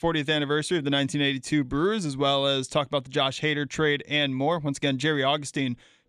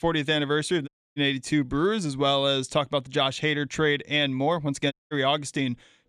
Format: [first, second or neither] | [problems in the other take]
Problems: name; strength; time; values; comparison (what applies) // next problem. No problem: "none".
first | audio cutting out; at 1 s and at 5 s